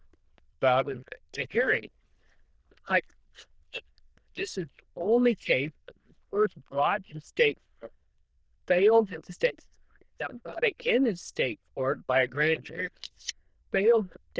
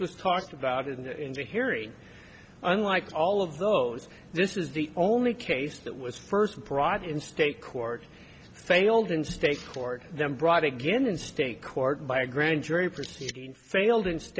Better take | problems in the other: second | noise reduction (neural diffusion model UNIVERSE++)

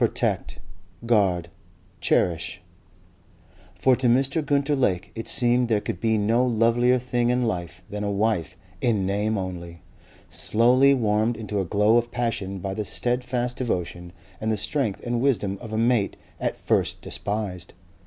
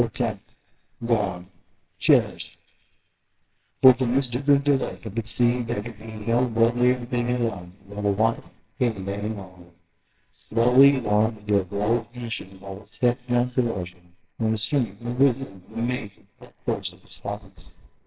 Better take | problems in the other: first | noise reduction (neural separator model SepFormer WHAMR!)

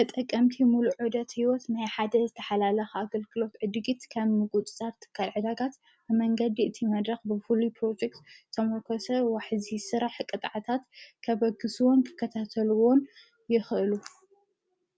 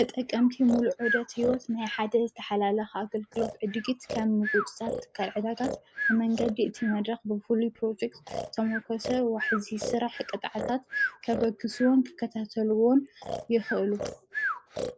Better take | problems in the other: first | noise reduction (neural mask model Resemble Enhance denoiser)

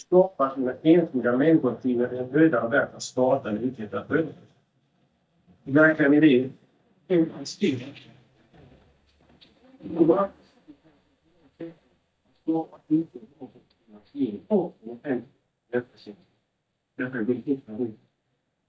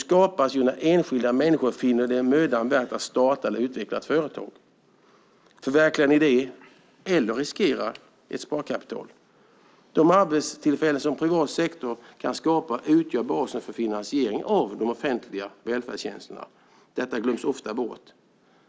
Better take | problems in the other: second | noise reduction (neural mask model DeepFilterNet 3)

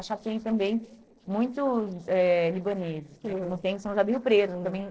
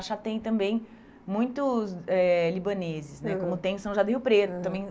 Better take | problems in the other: second | noise reduction (neural separator model SepFormer DNS4)

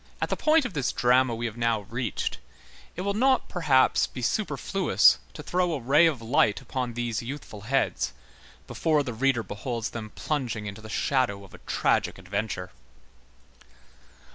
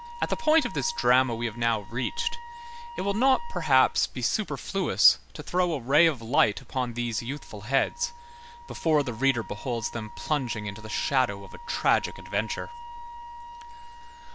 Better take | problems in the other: first | background sound (Wind instrument, woodwind instrument); 16 dB below the speech

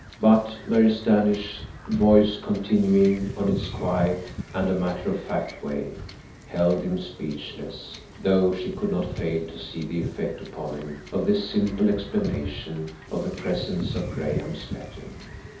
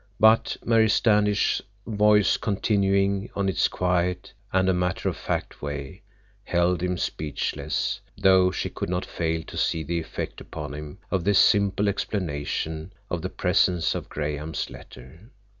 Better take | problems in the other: second | background sound (Wind / Ocean / Boat, Water vehicle); 12 dB below the speech // room echo; dies away in 0.6 s

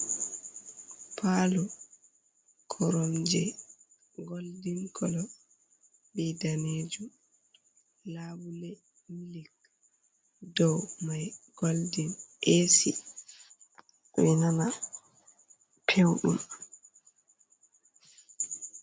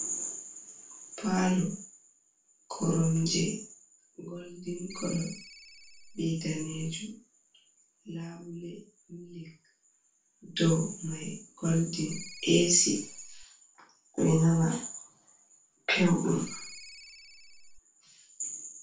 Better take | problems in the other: first | background sound (Ringtone); 16 dB below the speech // room echo; dies away in 0.3 s

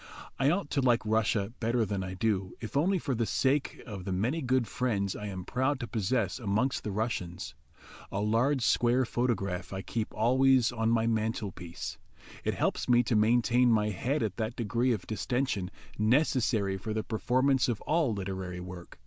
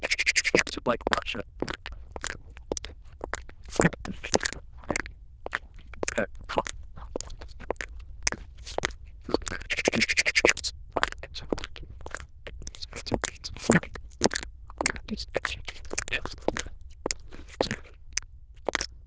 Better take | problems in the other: first | noise reduction (neural diffusion model UNIVERSE++)

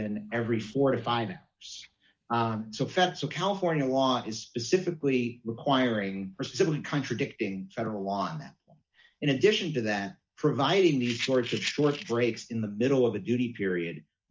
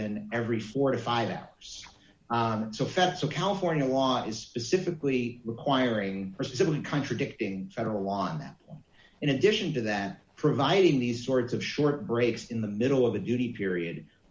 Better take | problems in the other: second | noise reduction (neural mask model DeepFilterNet 3)

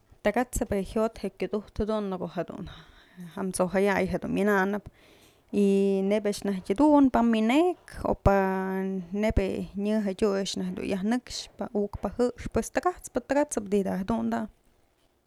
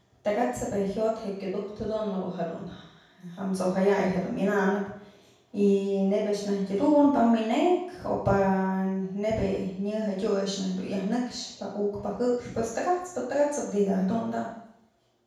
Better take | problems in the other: first | room echo; dies away in 0.7 s

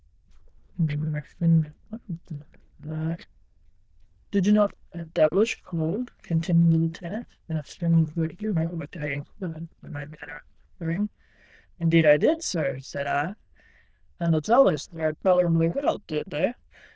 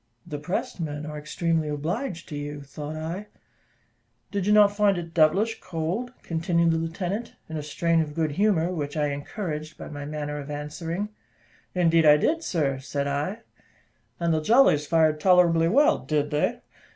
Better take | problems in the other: second | noise reduction (neural diffusion model UNIVERSE++)

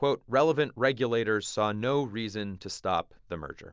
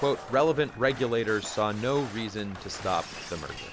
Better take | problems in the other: first | background sound (Shatter); 13 dB below the speech

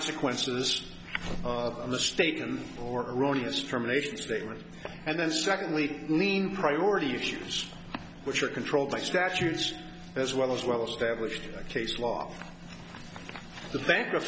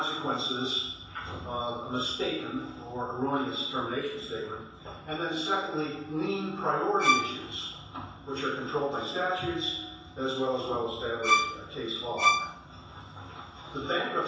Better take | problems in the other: first | background sound (Bowed string instrument); 4 dB above the speech // room echo; dies away in 0.7 s

